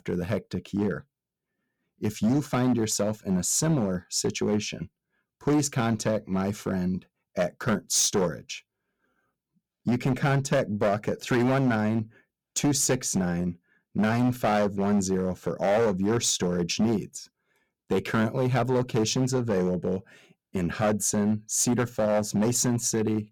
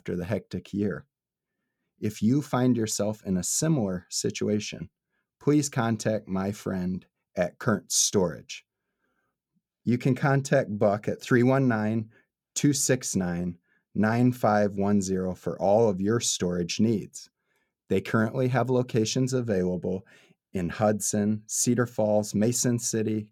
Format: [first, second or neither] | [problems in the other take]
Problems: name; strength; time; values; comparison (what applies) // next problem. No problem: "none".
second | distortion; slight; 8% of the sound clipped